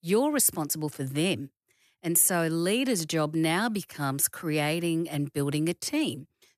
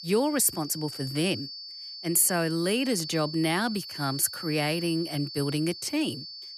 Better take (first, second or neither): first